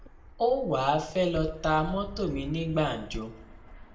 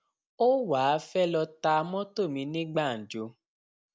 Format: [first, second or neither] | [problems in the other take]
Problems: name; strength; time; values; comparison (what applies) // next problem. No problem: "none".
second | background sound (Fixed-wing aircraft, airplane); 12 dB below the speech // room echo; dies away in 0.5 s